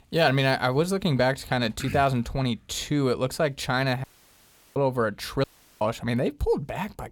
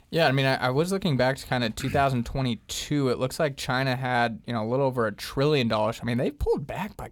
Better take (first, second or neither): second